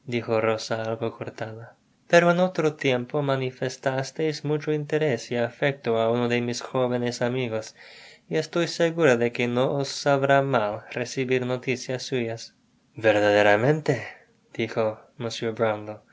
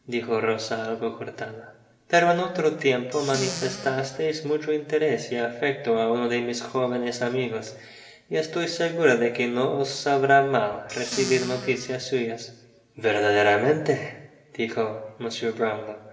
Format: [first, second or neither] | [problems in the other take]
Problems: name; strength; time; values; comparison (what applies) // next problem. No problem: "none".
first | background sound (Squeak / Cupboard open or close); 10 dB below the speech // room echo; dies away in 0.8 s